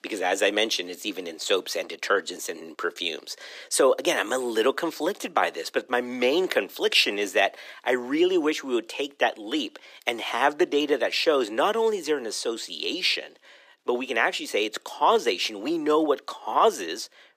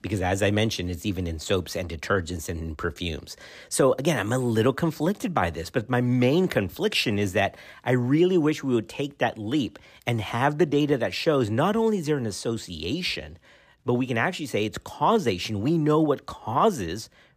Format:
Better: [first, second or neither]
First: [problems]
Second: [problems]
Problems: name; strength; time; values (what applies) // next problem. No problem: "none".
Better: second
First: thin; somewhat; fading below 350 Hz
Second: none